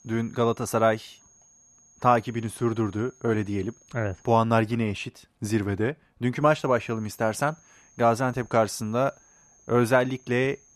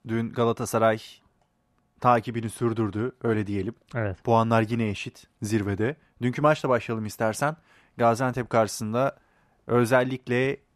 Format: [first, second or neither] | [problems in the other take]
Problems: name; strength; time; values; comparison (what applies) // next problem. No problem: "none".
second | high-pitched whine; faint; until 4.5 s and from 6.5 s on; 6.5 kHz, 30 dB below the speech